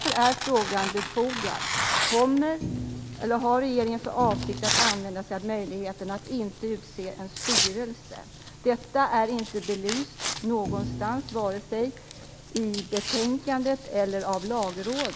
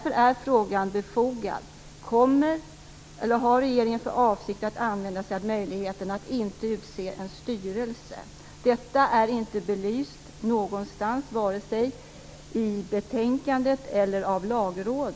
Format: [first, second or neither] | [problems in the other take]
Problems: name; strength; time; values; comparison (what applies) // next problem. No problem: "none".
second | background sound (Tearing + Thump, thud); 5 dB below the speech